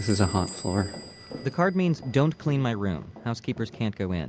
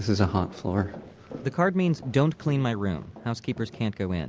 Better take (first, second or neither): second